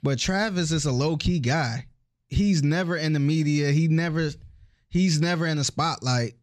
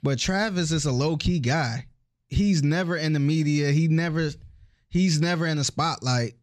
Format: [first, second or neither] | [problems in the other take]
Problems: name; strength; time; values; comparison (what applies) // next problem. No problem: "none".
neither | none